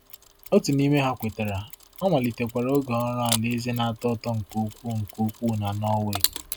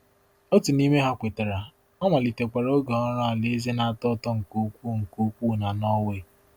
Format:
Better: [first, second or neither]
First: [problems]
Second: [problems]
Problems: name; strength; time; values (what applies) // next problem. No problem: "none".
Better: second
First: background sound (Mechanisms); 11 dB below the speech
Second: none